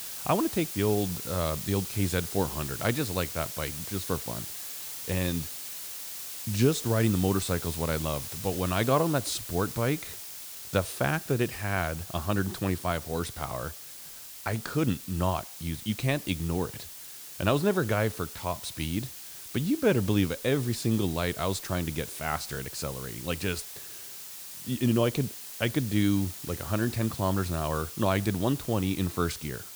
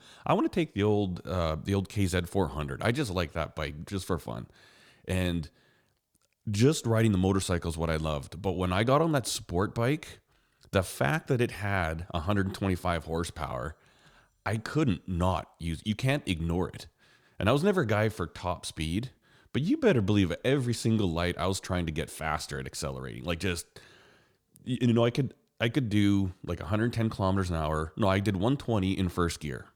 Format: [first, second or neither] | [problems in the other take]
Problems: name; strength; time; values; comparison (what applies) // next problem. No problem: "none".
second | hiss; loud; throughout; 8 dB below the speech